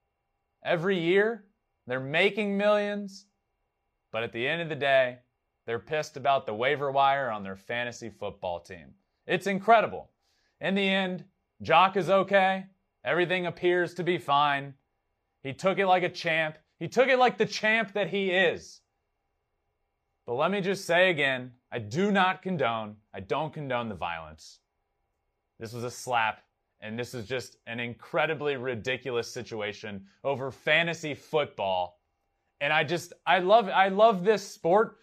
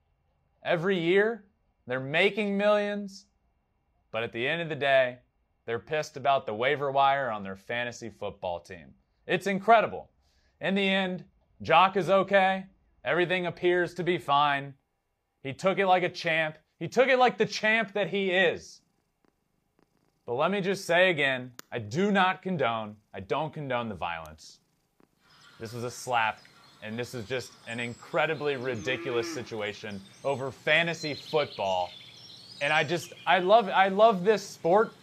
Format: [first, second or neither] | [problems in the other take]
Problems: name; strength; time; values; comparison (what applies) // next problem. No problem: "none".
first | animal sounds; noticeable; throughout; 20 dB below the speech